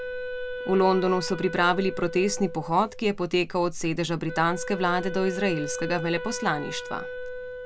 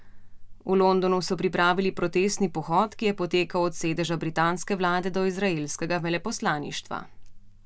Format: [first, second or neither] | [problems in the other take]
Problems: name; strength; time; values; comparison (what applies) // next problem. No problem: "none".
second | background sound (Wind instrument, woodwind instrument); 10 dB below the speech